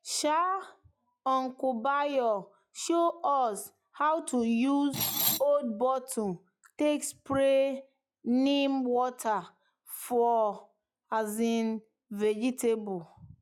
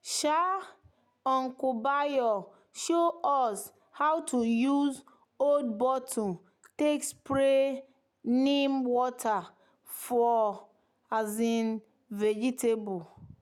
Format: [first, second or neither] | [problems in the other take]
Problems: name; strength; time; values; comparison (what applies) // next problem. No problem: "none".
second | noise reduction (classical method log-MMSE)